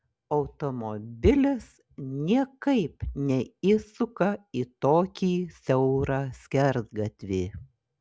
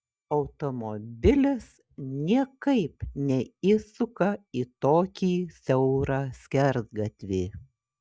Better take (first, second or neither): first